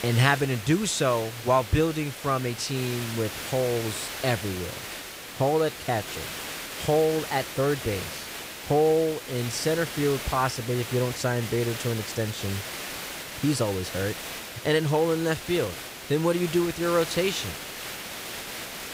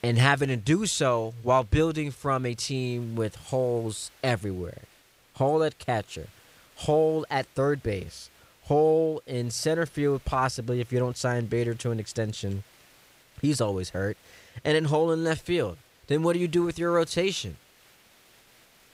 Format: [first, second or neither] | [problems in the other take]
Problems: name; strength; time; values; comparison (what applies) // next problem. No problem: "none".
second | hiss; loud; throughout; 8 dB below the speech; faint in the second